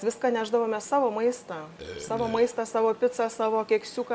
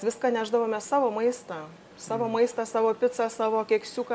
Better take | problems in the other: second | background sound (Burping, eructation); 12 dB below the speech

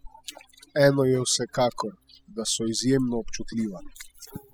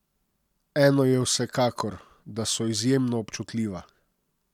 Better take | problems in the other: second | noise reduction (classical method spectral subtraction)

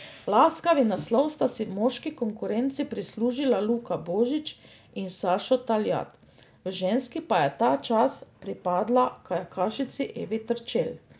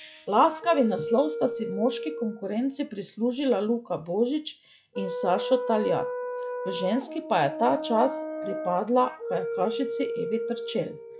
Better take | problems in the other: first | noise reduction (classical method log-MMSE)

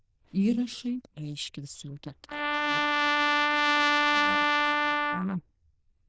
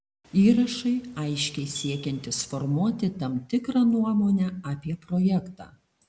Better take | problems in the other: second | noise reduction (neural diffusion model UNIVERSE++)

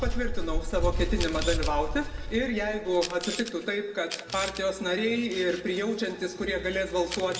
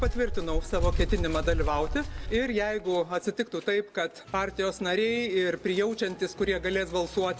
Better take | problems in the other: second | background sound (Camera); 14 dB below the speech // room echo; dies away in 1.2 s

